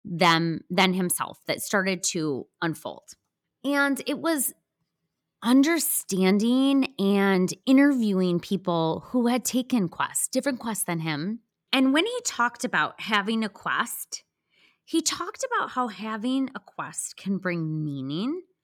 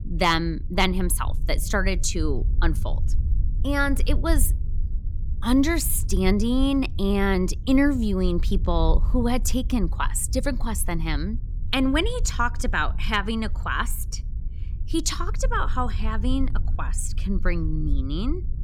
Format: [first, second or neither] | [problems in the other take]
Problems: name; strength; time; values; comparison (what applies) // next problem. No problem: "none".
first | low rumble; faint; throughout; 20 dB below the speech